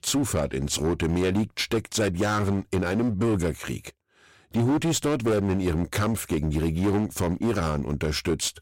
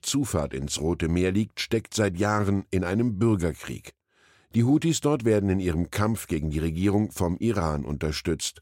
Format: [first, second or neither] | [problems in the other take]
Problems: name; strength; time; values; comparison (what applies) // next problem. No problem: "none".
second | distortion; heavy; 17% of the sound clipped